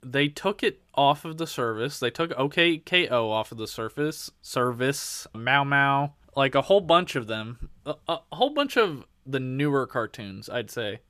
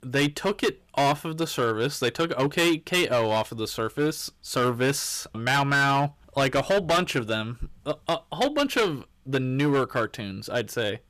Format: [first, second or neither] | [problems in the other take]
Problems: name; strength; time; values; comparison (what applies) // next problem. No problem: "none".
first | distortion; heavy; 10% of the sound clipped